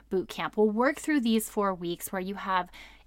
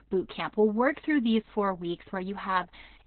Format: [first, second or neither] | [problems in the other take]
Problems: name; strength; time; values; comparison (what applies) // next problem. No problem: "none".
first | garbled, watery; badly; nothing above 4 kHz